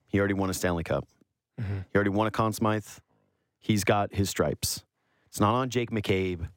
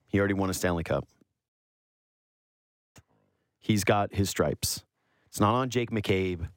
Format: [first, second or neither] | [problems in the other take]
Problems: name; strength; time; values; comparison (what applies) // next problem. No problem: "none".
first | audio cutting out; at 1.5 s for 1.5 s